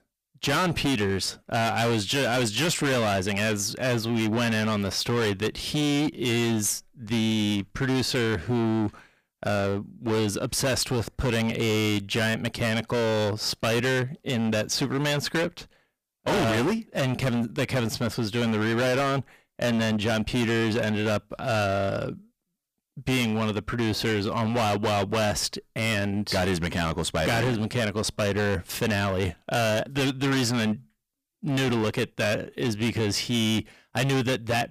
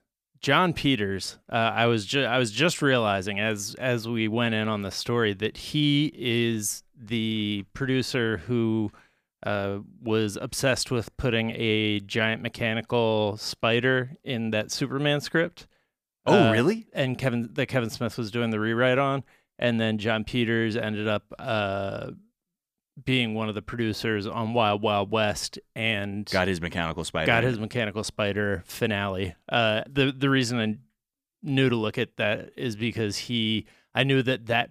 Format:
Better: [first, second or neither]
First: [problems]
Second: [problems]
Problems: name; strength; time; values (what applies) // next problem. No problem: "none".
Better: second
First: distortion; heavy; 24% of the sound clipped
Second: none